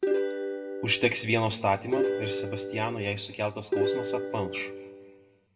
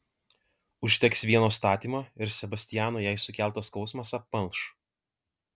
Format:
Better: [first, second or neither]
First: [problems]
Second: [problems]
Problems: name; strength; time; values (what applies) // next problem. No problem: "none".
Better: second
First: background sound (Plucked string instrument); as loud as the speech // room echo; dies away in 0.9 s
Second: none